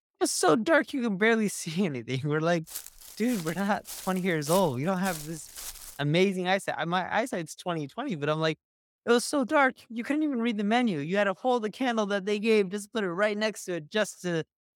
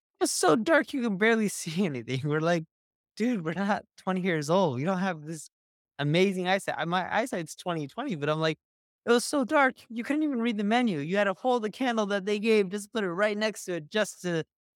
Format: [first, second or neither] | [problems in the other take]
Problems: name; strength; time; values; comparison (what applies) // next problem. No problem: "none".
second | footsteps; noticeable; from 2.5 to 6 s; peak 9 dB below the speech